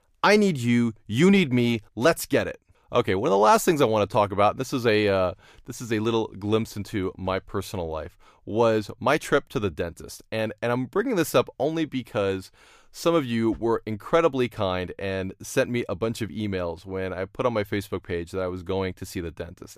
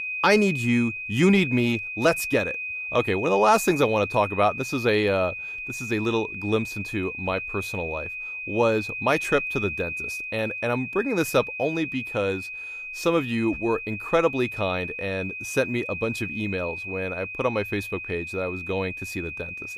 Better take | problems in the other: first | high-pitched whine; loud; throughout; 2.5 kHz, 6 dB below the speech

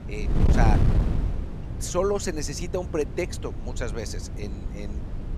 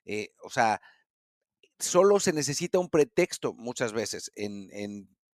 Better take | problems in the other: second | wind noise on the microphone; heavy; 8 dB below the speech

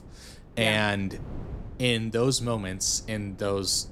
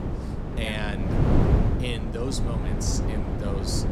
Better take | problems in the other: first | wind noise on the microphone; heavy; as loud as the speech; occasional gusts in the first

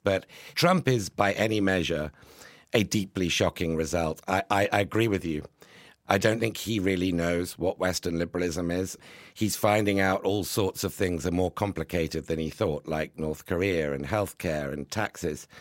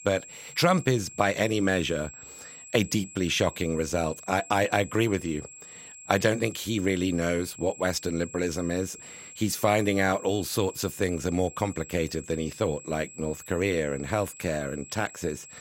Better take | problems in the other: first | high-pitched whine; noticeable; throughout; 7.5 kHz, 15 dB below the speech

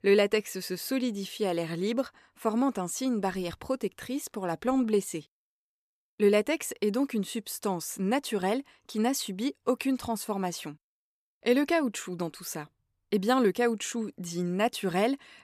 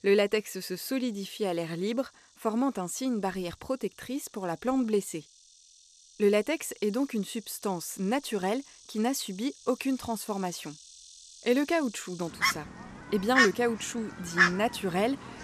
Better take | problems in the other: first | animal sounds; very loud; throughout; 1 dB above the speech

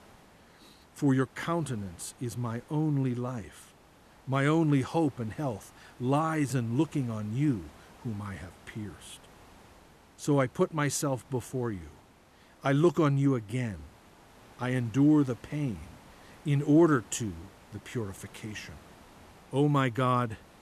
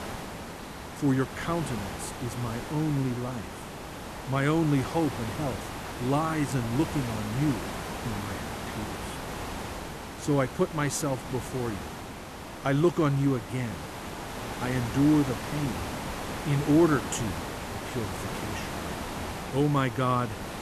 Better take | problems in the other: first | hiss; loud; throughout; 8 dB below the speech; faint in the first

